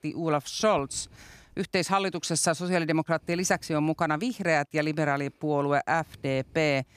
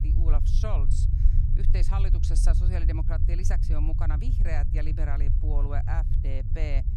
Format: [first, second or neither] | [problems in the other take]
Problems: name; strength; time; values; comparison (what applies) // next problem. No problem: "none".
first | low rumble; loud; throughout; 5 dB below the speech